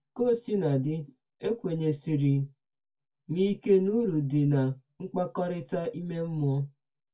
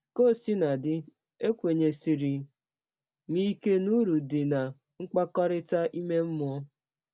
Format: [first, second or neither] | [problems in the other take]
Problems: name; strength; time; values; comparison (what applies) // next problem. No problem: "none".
second | room echo; dies away in 0.1 s